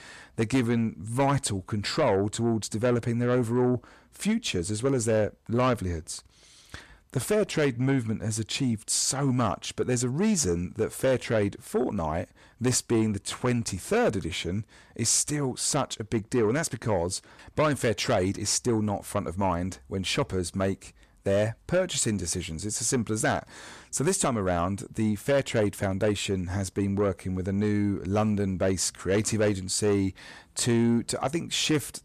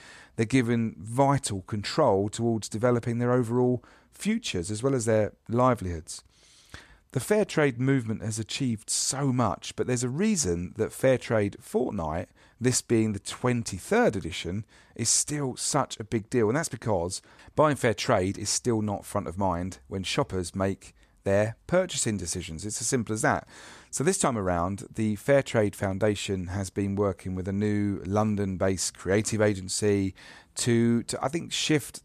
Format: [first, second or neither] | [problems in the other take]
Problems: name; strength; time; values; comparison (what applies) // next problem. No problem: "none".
second | distortion; slight; 10 dB below the speech